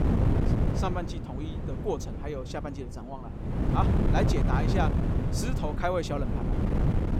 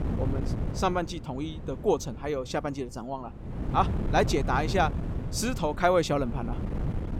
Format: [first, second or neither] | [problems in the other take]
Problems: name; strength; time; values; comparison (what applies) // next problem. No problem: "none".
second | wind noise on the microphone; heavy; 2 dB below the speech; occasional gusts in the second